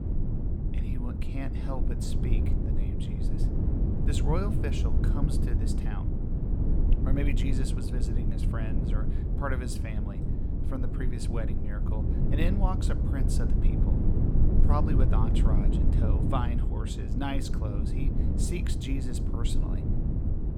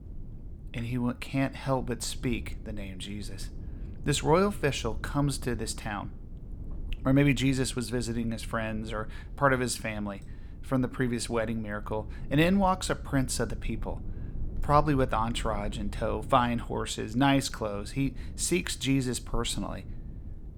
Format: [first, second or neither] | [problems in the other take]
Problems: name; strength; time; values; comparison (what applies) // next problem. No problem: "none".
second | low rumble; loud; throughout; 1 dB below the speech; faint in the second